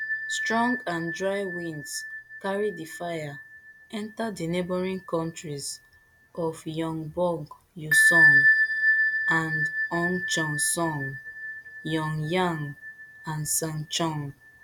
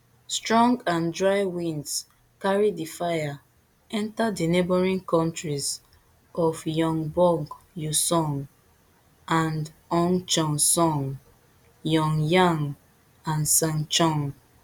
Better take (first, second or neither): second